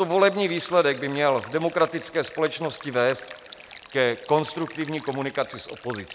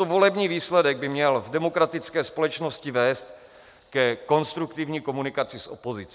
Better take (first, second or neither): second